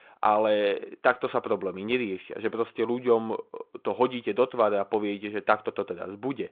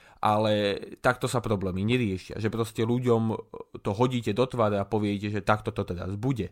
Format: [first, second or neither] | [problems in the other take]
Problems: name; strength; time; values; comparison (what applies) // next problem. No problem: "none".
second | phone-call audio